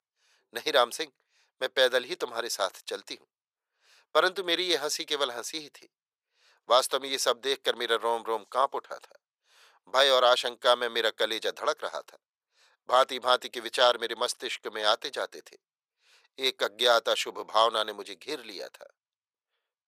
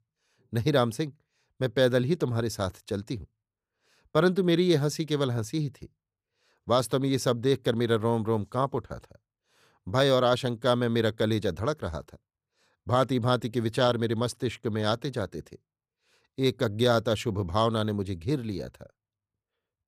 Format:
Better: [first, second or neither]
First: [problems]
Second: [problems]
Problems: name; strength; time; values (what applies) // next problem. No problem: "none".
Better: second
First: thin; very; fading below 600 Hz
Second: none